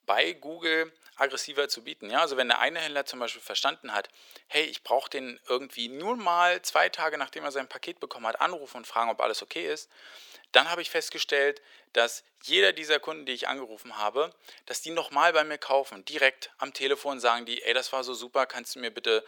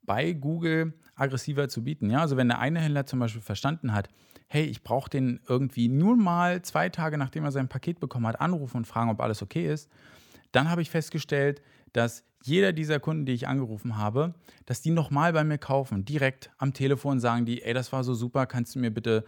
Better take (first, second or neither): second